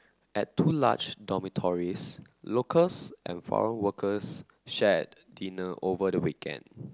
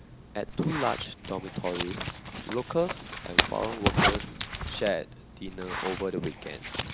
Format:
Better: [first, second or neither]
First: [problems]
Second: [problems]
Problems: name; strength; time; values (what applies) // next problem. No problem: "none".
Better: first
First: none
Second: background sound (Zipper (clothing)); as loud as the speech